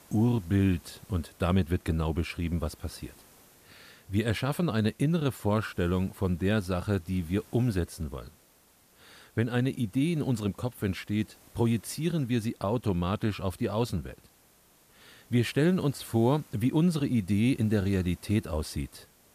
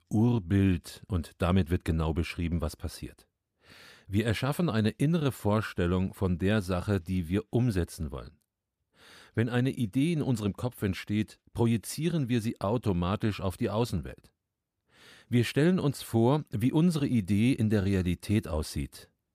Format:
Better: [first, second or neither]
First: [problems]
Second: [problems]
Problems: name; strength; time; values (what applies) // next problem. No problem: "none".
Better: second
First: hiss; faint; throughout; 25 dB below the speech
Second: none